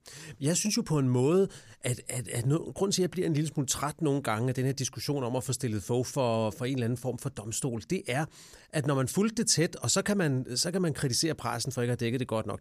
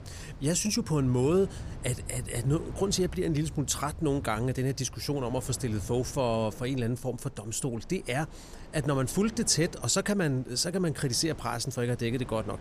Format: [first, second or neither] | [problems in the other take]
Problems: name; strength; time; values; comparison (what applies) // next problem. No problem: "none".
first | wind in the background; noticeable; throughout; 15 dB below the speech